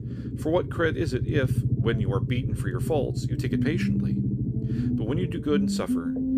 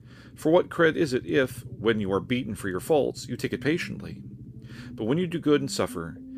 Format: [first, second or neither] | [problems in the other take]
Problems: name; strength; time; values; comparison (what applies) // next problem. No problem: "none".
second | low rumble; loud; throughout; 5 dB below the speech; faint in the second